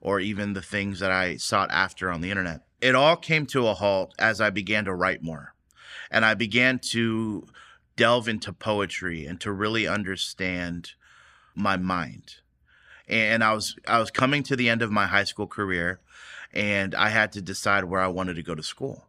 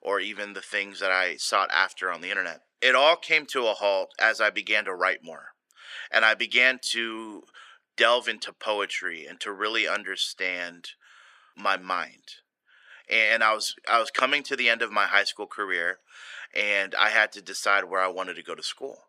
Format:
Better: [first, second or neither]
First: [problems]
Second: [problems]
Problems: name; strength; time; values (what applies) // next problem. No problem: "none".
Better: first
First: none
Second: thin; very; fading below 400 Hz